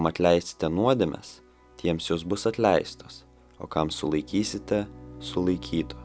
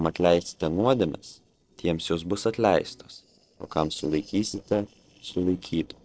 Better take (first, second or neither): first